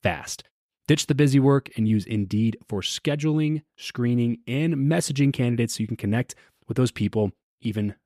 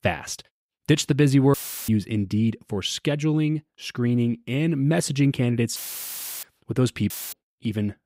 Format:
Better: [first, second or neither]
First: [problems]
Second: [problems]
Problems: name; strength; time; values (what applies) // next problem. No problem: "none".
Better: first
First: none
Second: audio cutting out; filled with static; at 1.5 s, at 6 s for 0.5 s and at 7 s